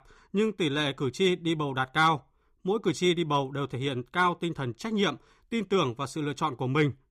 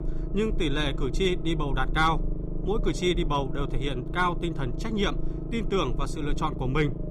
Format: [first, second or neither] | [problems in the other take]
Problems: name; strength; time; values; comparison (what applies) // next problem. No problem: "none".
first | low rumble; noticeable; throughout; 10 dB below the speech